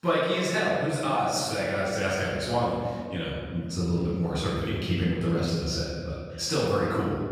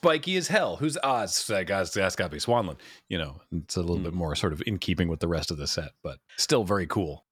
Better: second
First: room echo; strong; dies away in 1.9 s // off-mic speech; far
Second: none

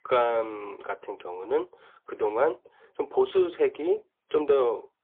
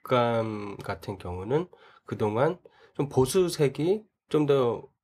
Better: second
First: phone-call audio; poor line; nothing above 3.5 kHz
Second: none

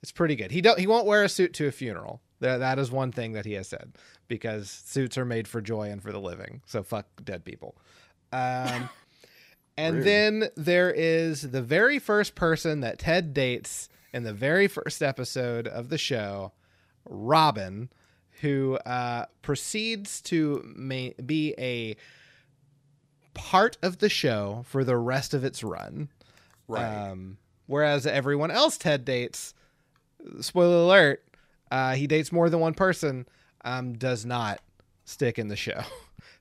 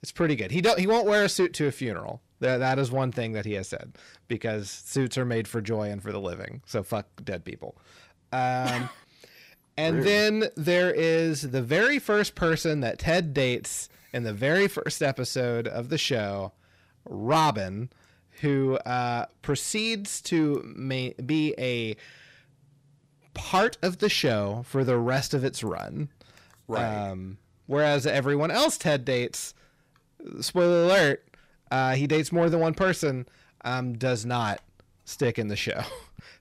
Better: first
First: none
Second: distortion; slight; 10 dB below the speech

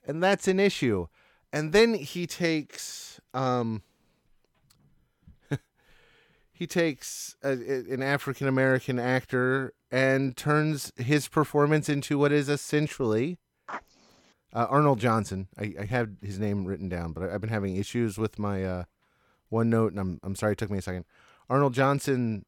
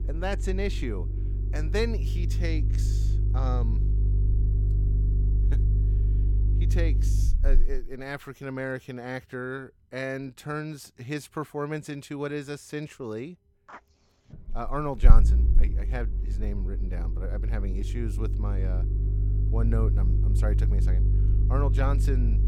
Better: first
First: none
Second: low rumble; loud; throughout; 8 dB below the speech

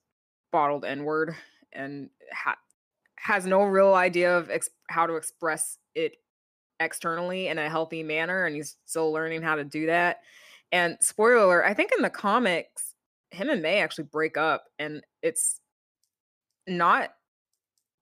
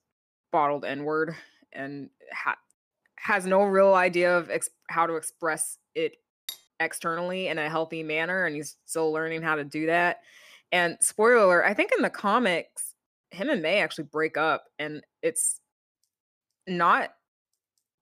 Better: first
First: none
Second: clattering dishes; faint; at 6.5 s; peak 15 dB below the speech

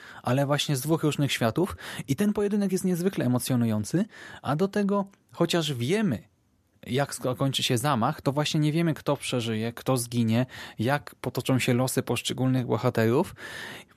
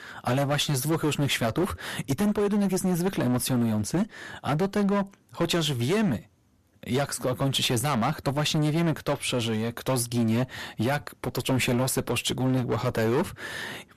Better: first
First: none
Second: distortion; heavy; 14% of the sound clipped

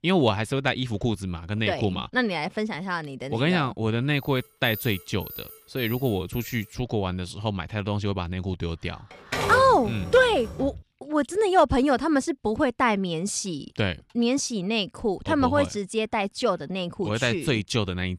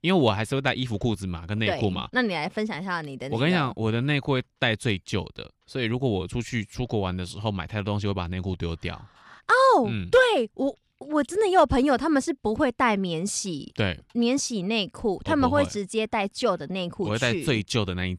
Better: second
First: alarm; faint; from 4 to 6.5 s; peak 10 dB below the speech // keyboard typing; noticeable; from 9 to 11 s; peak 2 dB below the speech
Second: none

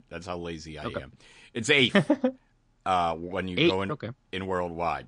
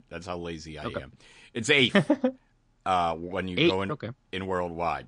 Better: neither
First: garbled, watery; slightly; nothing above 9 kHz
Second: garbled, watery; slightly; nothing above 9 kHz

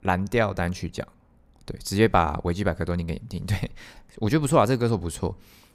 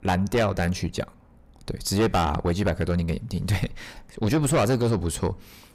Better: first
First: none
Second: distortion; heavy; 6 dB below the speech

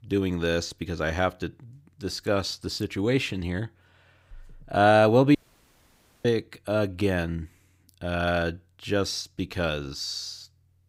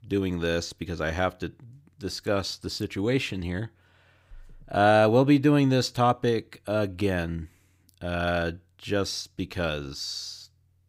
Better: second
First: audio cutting out; at 5.5 s for 1 s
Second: none

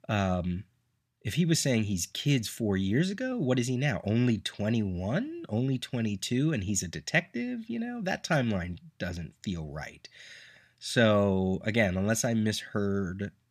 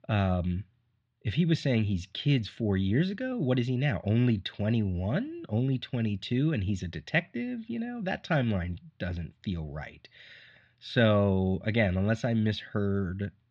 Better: first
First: none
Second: muffled; slightly; fading above 4 kHz

